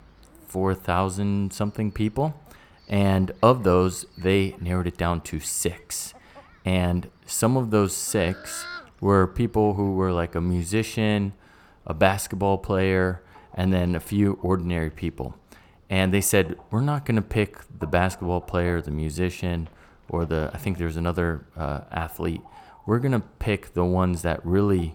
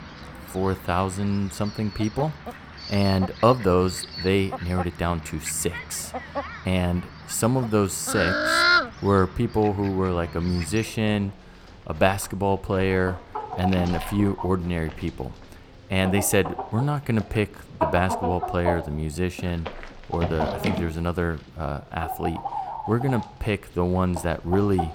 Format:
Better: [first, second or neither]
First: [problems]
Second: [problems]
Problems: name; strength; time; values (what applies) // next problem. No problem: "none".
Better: first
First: animal sounds; faint; throughout; 25 dB below the speech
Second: animal sounds; loud; throughout; 5 dB below the speech